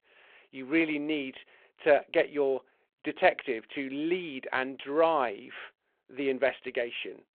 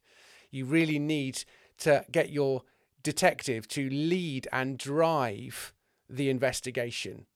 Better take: second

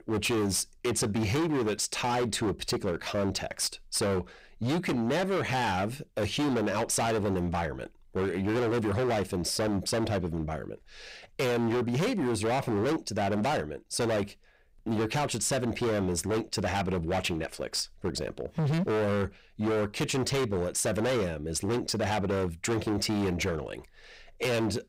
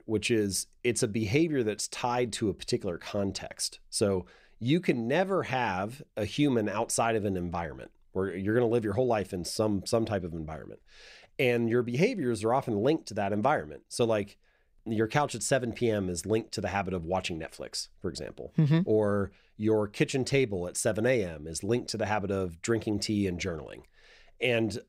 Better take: second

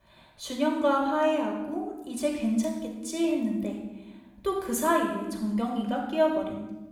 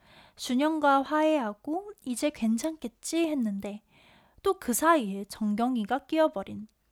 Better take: second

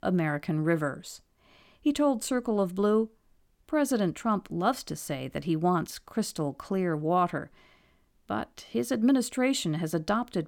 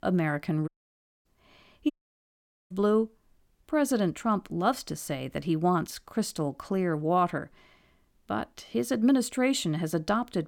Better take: first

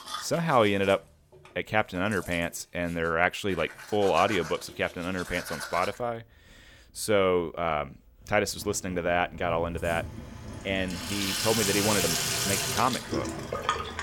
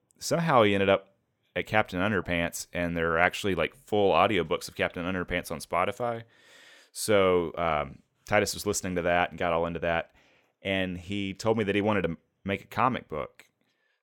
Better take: second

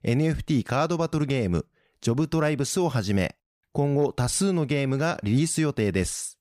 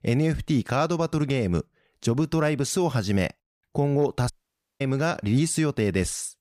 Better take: first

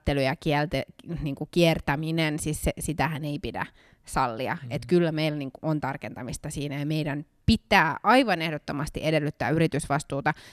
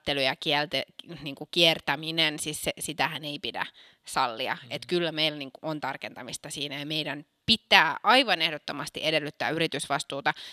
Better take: first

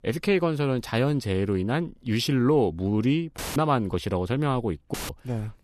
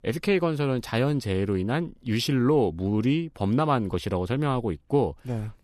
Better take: second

